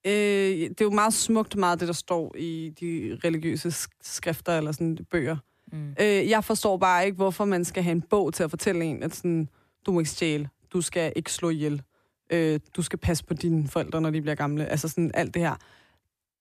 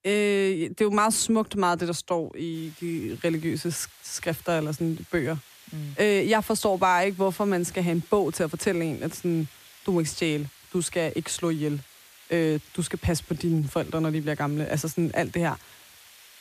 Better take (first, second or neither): first